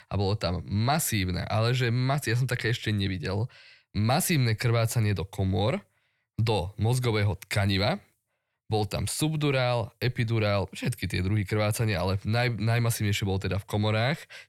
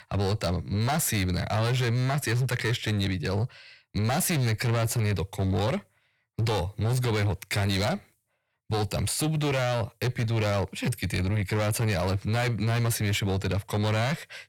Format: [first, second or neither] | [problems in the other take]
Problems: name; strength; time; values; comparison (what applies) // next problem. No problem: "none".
first | distortion; slight; 23% of the sound clipped